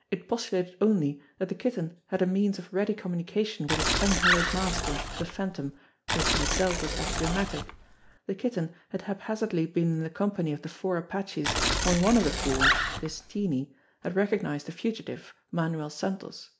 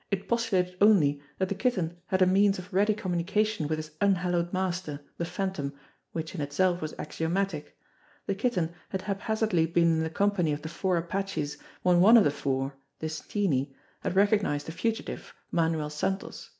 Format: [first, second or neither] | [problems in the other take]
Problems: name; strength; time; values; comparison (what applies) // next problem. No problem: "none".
second | background sound (Tearing + Animal); 1 dB above the speech